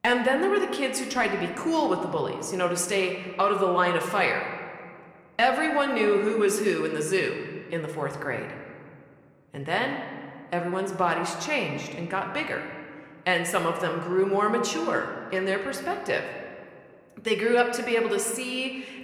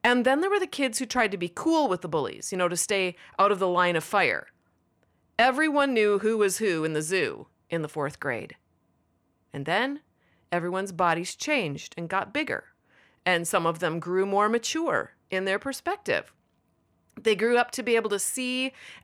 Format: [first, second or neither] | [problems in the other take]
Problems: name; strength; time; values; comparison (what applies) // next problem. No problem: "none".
second | room echo; slight; dies away in 1.6 s